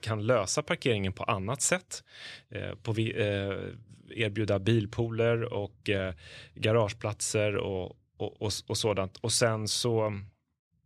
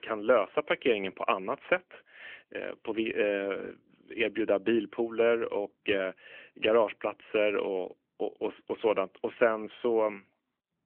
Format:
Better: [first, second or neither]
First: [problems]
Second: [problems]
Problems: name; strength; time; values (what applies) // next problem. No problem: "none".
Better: first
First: none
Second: phone-call audio; nothing above 3 kHz